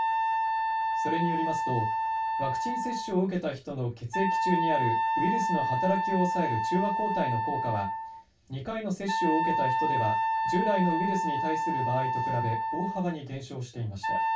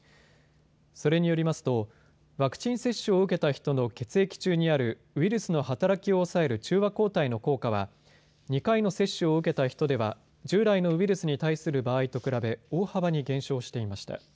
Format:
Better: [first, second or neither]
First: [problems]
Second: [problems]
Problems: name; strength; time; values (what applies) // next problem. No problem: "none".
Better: second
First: background sound (Wind instrument, woodwind instrument); 2 dB above the speech // room echo; dies away in 0.2 s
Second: none